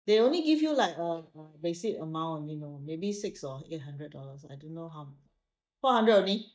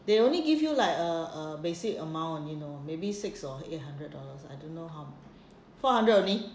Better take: second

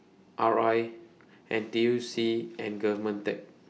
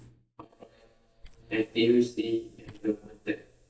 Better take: first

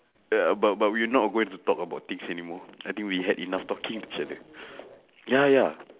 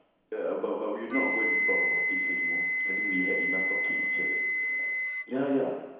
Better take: first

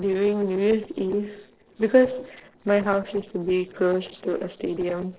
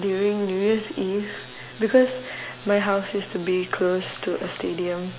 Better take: second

